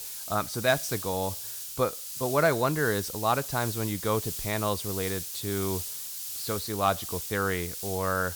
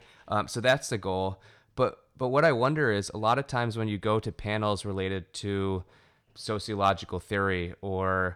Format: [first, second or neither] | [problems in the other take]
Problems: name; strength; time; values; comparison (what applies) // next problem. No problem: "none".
second | hiss; loud; throughout; 5 dB below the speech